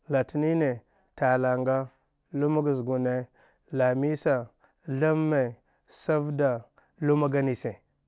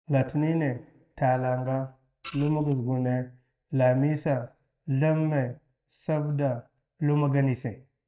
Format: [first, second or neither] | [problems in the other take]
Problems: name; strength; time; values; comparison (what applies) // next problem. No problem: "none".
first | noise reduction (neural mask model DeepFilterNet 3)